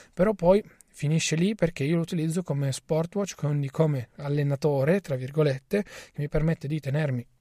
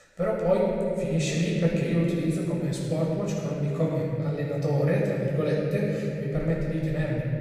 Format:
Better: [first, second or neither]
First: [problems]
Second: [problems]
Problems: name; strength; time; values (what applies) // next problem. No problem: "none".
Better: first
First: none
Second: off-mic speech; far // room echo; strong; dies away in 3 s